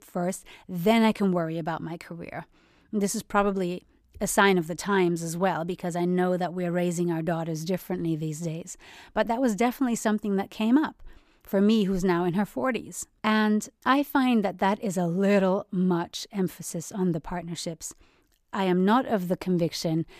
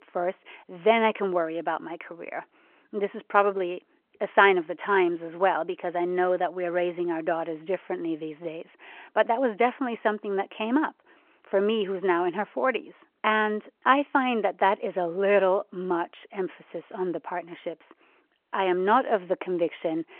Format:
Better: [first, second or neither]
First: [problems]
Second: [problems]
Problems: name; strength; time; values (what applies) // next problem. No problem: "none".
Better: first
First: none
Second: phone-call audio